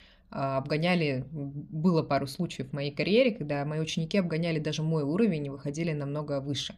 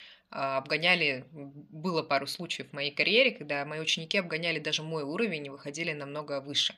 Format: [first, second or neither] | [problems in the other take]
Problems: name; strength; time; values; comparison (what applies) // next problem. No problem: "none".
first | thin; somewhat; fading below 600 Hz